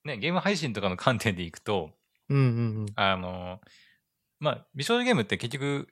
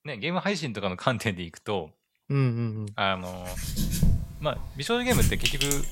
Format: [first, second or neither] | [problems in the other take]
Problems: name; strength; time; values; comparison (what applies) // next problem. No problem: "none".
first | household noises; very loud; from 3.5 s on; as loud as the speech